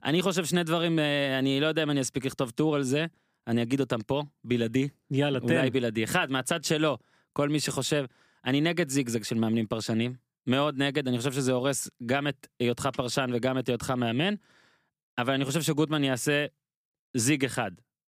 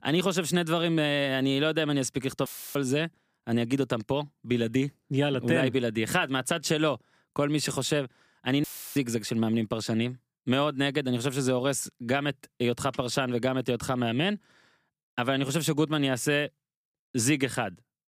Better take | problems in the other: first | audio cutting out; filled with static; at 2.5 s and at 8.5 s

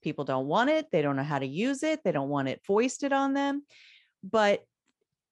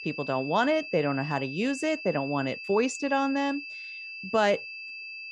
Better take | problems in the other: first | high-pitched whine; loud; throughout; 2.5 kHz, 10 dB below the speech

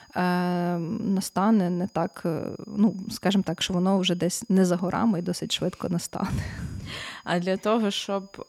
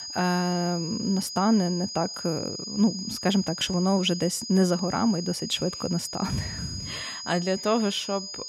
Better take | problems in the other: first | high-pitched whine; loud; throughout; 5 kHz, 8 dB below the speech; faint in the first

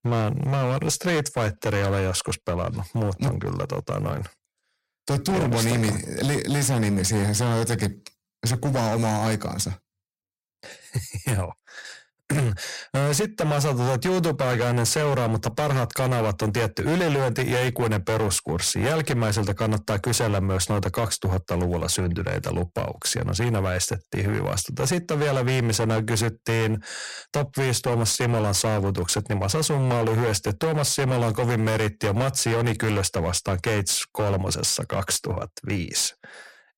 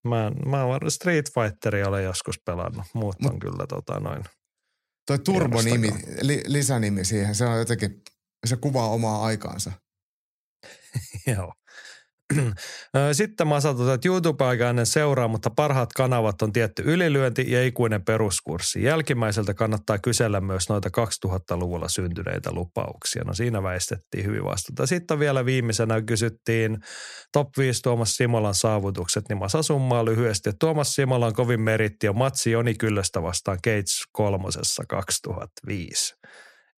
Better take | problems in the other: second | distortion; heavy; 19% of the sound clipped

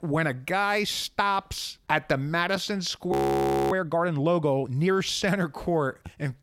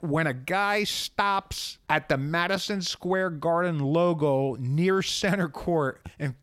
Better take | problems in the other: second | audio freezing; at 3 s for 0.5 s

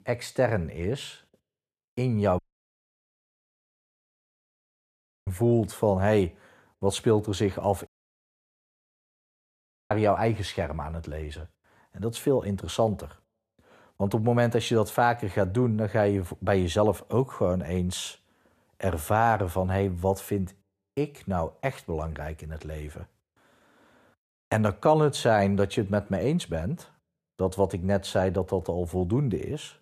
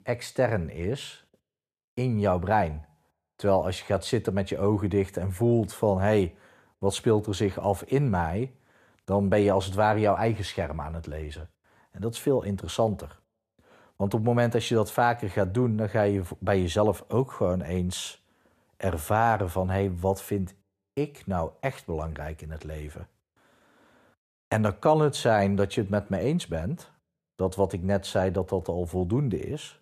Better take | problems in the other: second | audio cutting out; at 2.5 s for 3 s and at 8 s for 2 s

